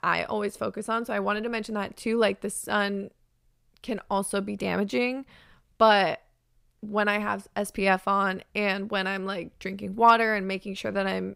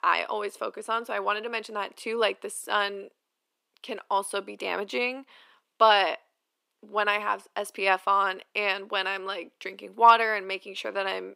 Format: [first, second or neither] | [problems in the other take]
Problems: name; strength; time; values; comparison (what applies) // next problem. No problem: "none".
first | thin; somewhat; fading below 300 Hz